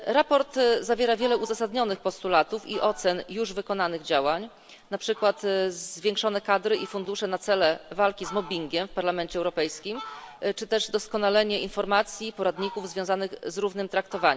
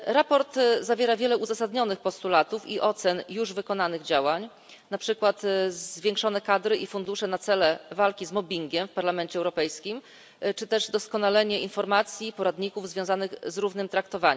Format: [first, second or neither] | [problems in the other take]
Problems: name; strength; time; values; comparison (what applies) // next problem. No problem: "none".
second | background sound (Fowl); 20 dB below the speech